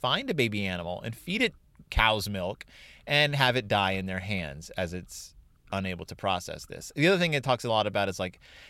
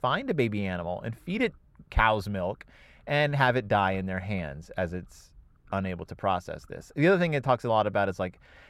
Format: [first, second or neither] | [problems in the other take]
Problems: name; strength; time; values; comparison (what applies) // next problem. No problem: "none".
first | muffled; slightly; fading above 2 kHz